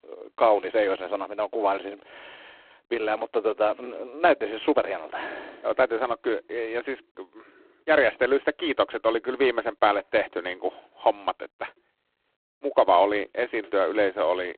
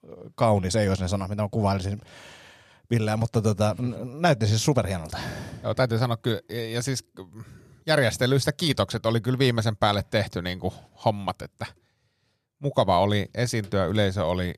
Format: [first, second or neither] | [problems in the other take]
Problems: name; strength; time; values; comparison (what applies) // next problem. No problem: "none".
second | phone-call audio; poor line